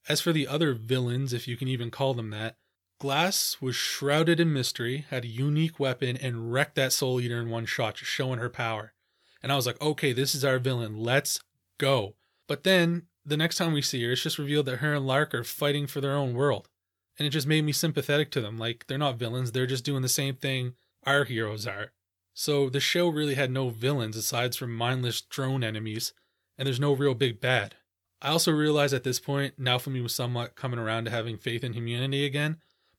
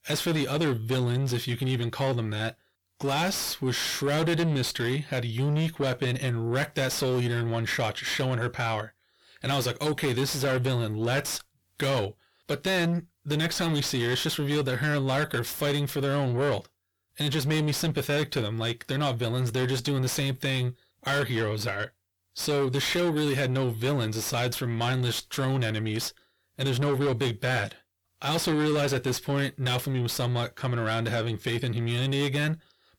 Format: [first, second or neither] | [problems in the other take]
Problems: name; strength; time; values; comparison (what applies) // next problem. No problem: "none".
first | distortion; heavy; 7 dB below the speech